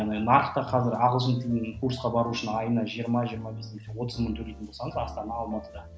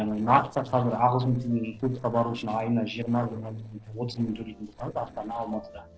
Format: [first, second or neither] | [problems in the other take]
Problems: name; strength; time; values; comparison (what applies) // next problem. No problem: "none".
first | noise reduction (neural separator model SepFormer DNS4)